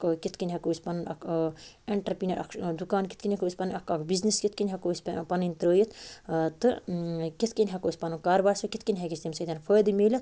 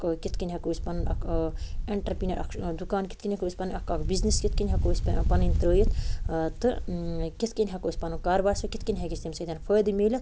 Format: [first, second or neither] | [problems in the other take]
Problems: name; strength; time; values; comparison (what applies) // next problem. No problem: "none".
first | background sound (Wind); as loud as the speech